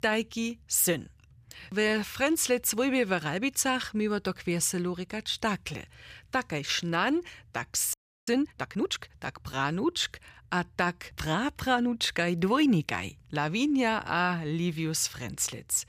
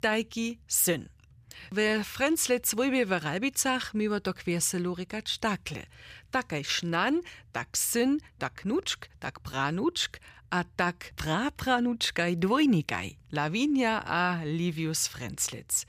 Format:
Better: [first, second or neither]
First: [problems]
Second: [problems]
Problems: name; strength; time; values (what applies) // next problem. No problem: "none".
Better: second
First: audio freezing; at 8 s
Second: none